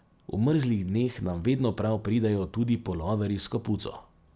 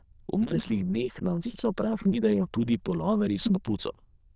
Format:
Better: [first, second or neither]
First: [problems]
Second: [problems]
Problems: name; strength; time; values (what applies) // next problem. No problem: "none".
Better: first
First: none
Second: noise reduction (neural diffusion model UNIVERSE++)